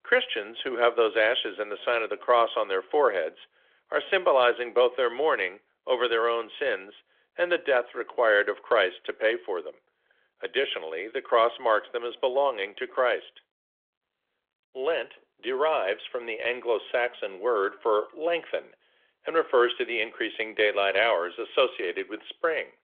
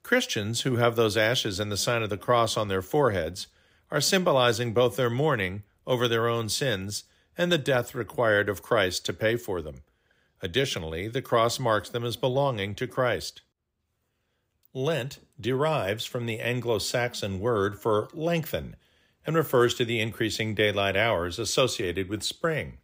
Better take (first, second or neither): second